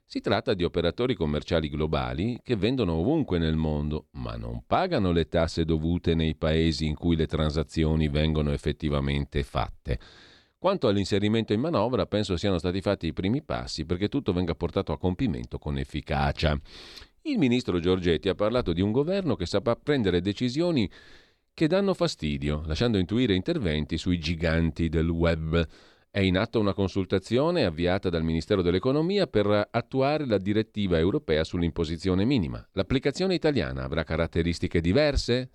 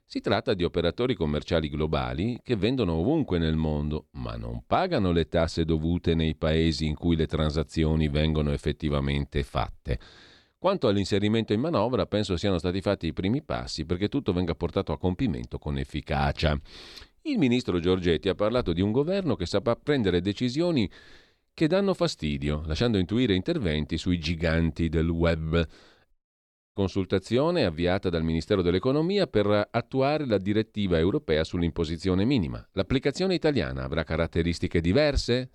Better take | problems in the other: first | audio cutting out; at 26 s for 0.5 s

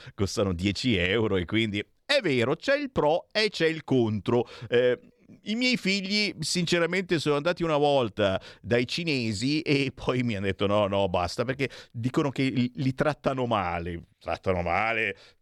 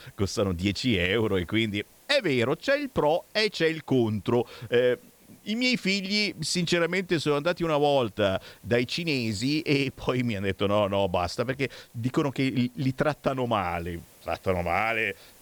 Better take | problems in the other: first | hiss; faint; throughout; 30 dB below the speech

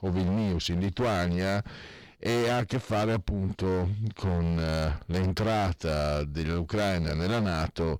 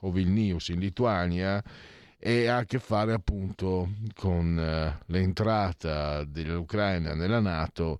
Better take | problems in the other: second | distortion; heavy; 25% of the sound clipped

